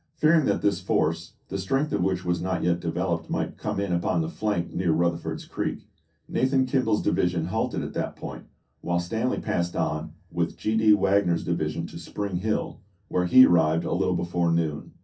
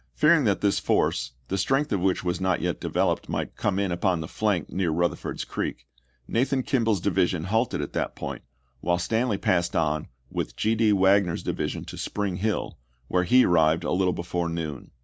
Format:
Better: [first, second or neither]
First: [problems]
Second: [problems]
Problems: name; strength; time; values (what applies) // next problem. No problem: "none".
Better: second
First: room echo; dies away in 0.3 s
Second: none